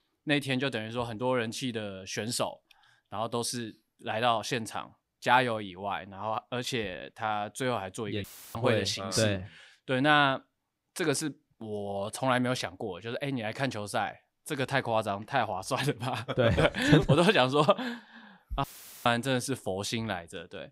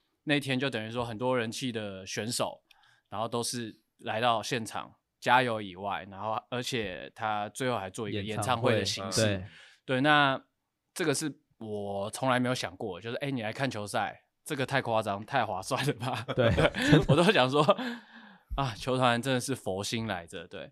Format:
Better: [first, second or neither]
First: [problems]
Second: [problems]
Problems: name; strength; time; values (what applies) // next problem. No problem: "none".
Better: second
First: audio cutting out; filled with static; at 8 s and at 19 s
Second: none